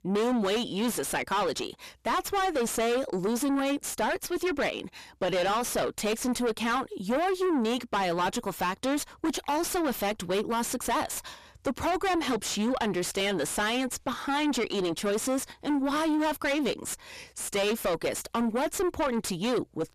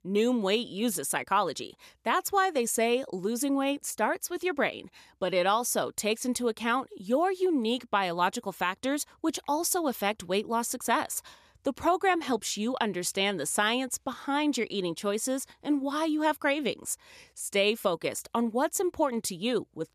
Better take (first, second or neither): second